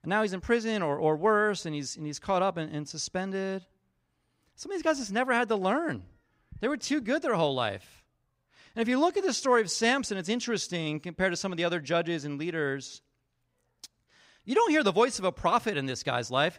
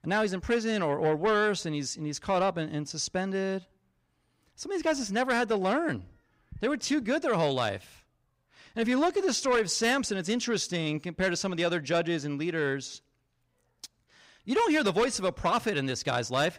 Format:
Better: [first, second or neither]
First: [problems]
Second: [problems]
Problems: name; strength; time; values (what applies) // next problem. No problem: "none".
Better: first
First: none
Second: distortion; slight; 10 dB below the speech